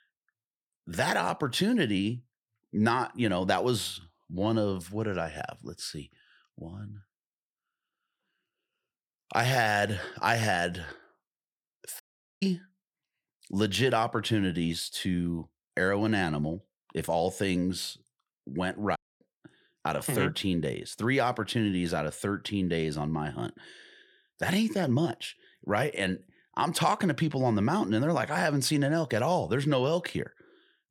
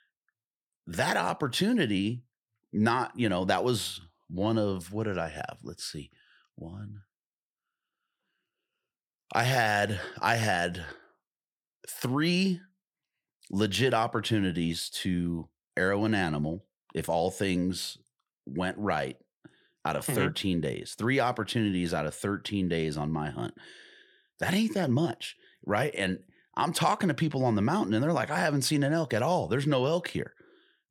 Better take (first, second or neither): second